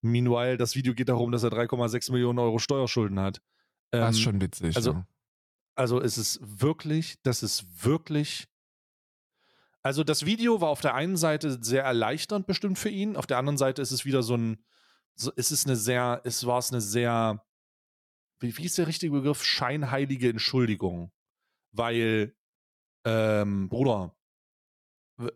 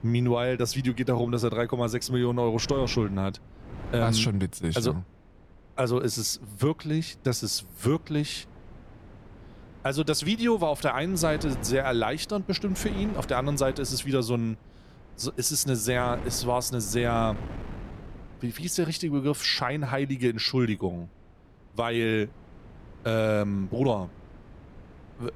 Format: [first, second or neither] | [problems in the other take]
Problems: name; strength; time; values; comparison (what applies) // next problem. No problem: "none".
first | wind noise on the microphone; occasional gusts; 20 dB below the speech